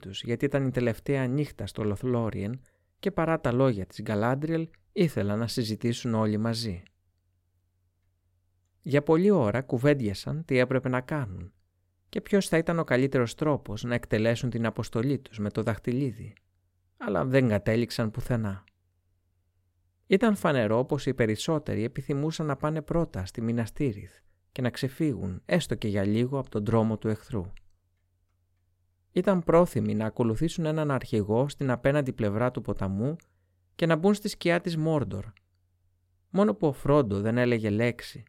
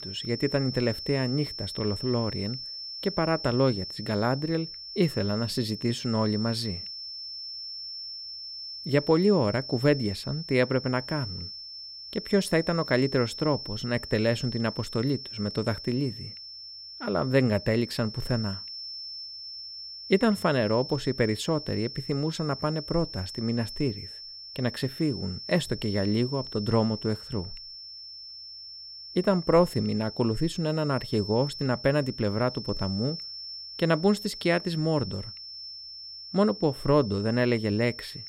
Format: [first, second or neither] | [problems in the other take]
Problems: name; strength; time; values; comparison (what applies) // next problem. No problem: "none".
first | high-pitched whine; loud; throughout; 5.5 kHz, 10 dB below the speech